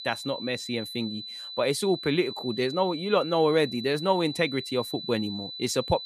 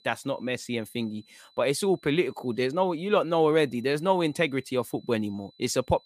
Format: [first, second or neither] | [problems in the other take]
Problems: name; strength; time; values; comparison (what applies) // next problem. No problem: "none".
second | high-pitched whine; loud; throughout; 4 kHz, 9 dB below the speech; faint in the second